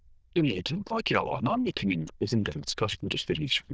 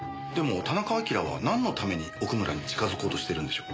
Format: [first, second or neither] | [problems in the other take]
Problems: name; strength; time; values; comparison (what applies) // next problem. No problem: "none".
second | noise reduction (neural diffusion model UNIVERSE++)